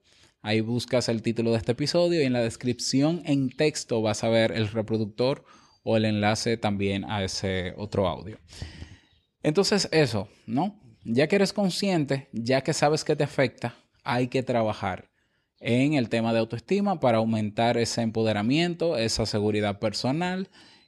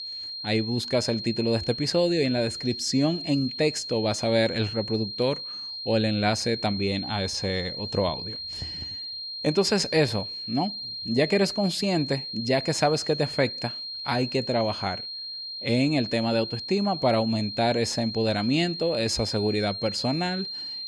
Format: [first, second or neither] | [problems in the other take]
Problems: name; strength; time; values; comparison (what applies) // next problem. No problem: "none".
first | high-pitched whine; loud; throughout; 4 kHz, 7 dB below the speech